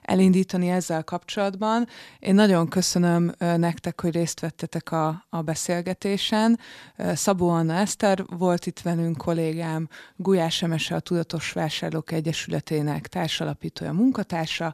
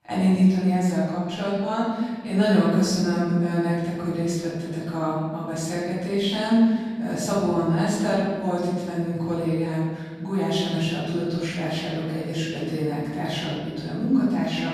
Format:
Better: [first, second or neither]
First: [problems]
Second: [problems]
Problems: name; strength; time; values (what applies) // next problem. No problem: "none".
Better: first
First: none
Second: room echo; strong; dies away in 1.7 s // off-mic speech; far